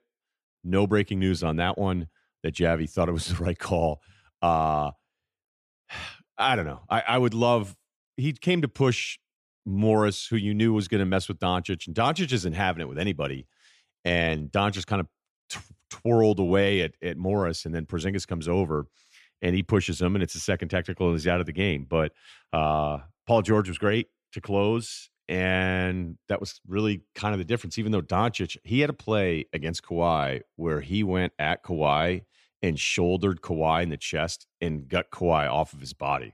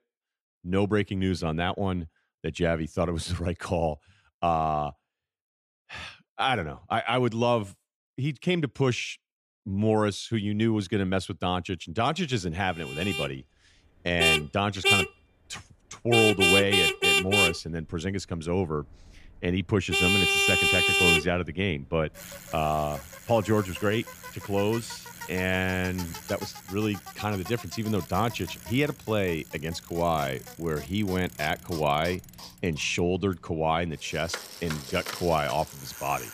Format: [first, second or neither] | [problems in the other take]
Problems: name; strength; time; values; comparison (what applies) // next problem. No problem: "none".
first | traffic noise; very loud; from 13 s on; 5 dB above the speech